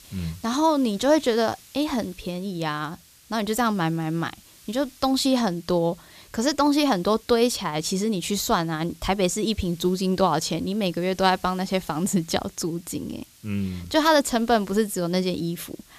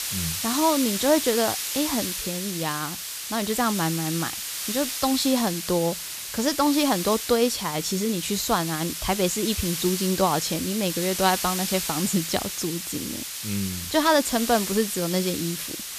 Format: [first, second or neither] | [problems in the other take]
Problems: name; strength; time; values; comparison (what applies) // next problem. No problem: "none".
first | hiss; loud; throughout; 4 dB below the speech; faint in the first